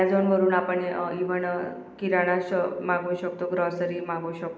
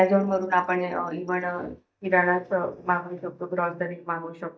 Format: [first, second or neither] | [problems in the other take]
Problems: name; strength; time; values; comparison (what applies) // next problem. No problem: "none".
first | noise reduction (neural mask model DeepFilterNet 3)